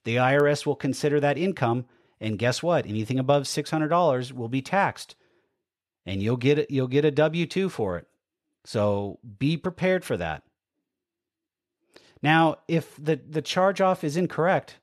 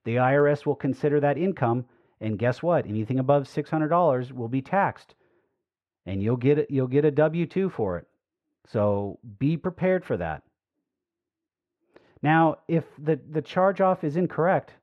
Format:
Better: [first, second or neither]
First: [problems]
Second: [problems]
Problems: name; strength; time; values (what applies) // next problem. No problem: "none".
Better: first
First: none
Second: muffled; very; fading above 3 kHz